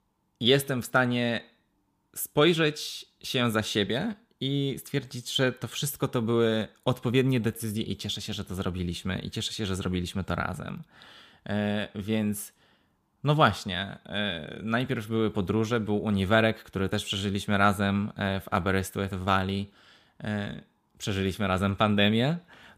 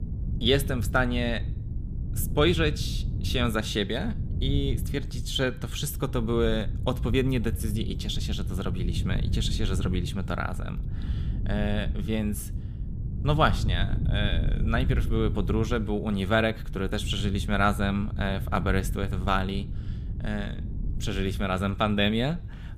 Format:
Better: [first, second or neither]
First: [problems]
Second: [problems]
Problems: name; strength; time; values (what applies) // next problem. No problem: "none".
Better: first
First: none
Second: wind noise on the microphone; occasional gusts; 15 dB below the speech